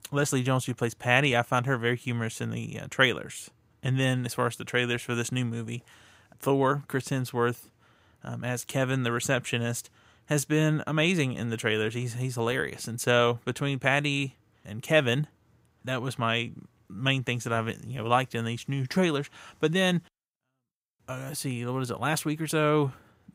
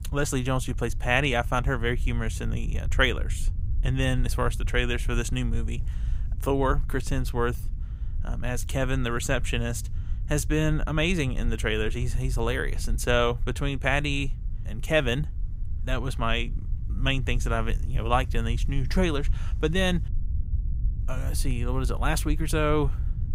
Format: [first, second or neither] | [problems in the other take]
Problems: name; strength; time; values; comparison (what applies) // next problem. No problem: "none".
first | low rumble; faint; throughout; 20 dB below the speech